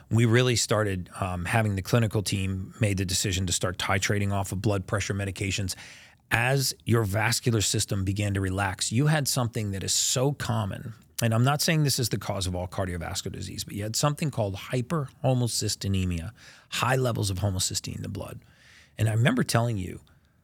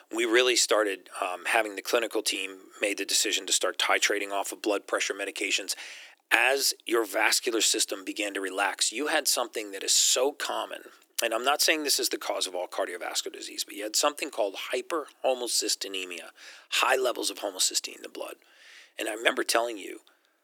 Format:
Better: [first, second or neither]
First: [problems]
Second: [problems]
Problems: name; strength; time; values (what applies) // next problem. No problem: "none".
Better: first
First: none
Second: thin; very; fading below 300 Hz